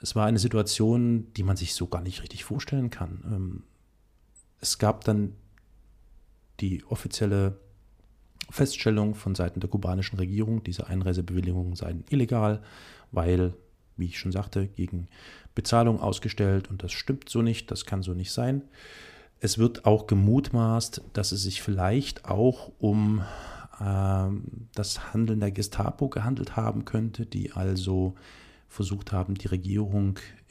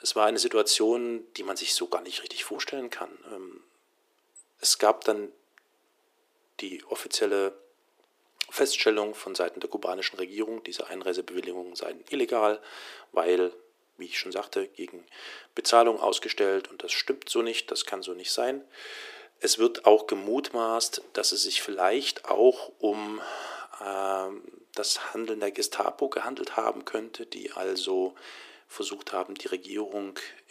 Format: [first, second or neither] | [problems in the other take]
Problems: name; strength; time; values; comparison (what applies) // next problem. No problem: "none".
first | thin; very; fading below 350 Hz